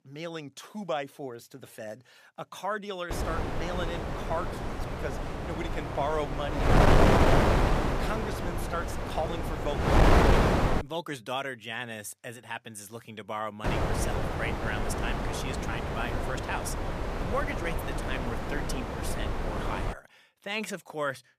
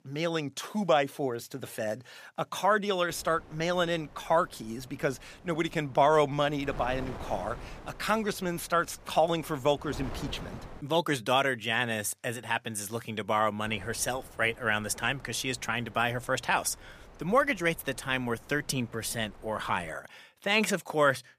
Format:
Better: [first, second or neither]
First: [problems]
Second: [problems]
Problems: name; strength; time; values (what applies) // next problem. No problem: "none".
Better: second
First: wind noise on the microphone; heavy; from 3 to 11 s and from 14 to 20 s; 5 dB above the speech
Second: wind noise on the microphone; occasional gusts; from 3 to 11 s and from 14 to 20 s; 20 dB below the speech